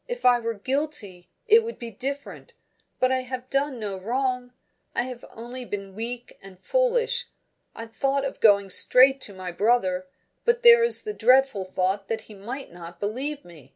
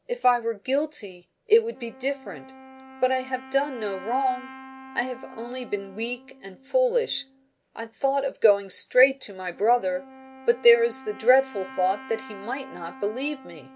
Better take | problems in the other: first | background sound (Wind instrument, woodwind instrument); 19 dB below the speech

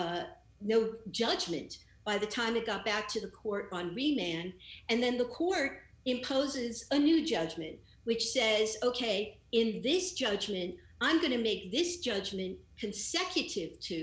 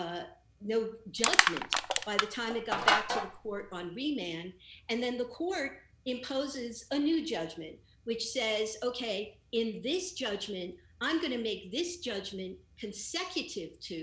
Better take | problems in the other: first | background sound (Crushing); 5 dB above the speech

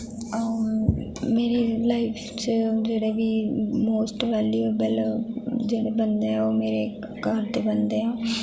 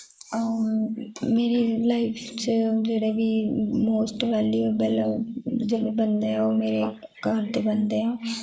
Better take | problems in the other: first | noise reduction (neural mask model Resemble Enhance denoiser)

